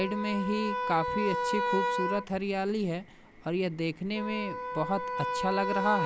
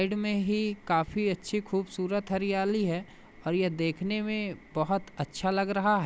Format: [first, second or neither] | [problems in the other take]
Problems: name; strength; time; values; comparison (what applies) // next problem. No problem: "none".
second | background sound (Wind instrument, woodwind instrument); 2 dB below the speech